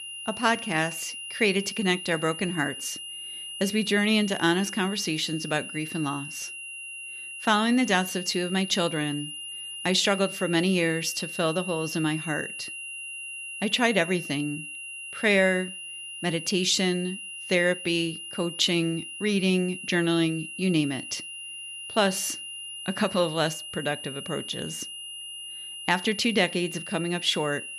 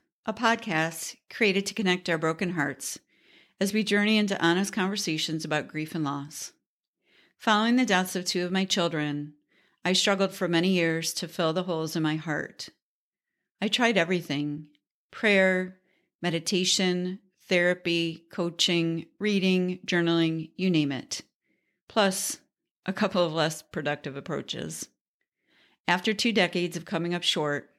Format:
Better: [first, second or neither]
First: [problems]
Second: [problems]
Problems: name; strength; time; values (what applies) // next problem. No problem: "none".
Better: second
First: high-pitched whine; loud; throughout; 3 kHz, 9 dB below the speech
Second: none